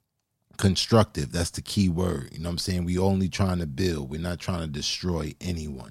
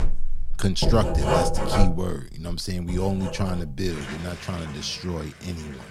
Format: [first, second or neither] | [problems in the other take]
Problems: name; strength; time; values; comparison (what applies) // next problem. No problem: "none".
first | household noises; loud; throughout; as loud as the speech